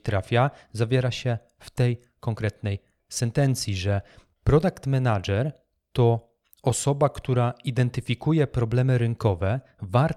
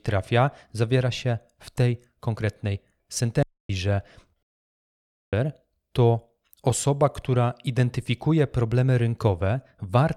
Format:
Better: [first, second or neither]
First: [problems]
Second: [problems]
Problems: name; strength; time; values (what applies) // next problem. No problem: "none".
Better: first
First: none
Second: audio cutting out; at 3.5 s and at 4.5 s for 1 s